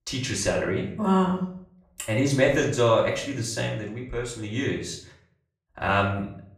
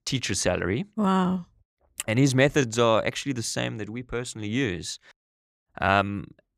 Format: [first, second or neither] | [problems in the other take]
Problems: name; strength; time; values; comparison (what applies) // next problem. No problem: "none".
second | off-mic speech; far // room echo; slight; dies away in 0.5 s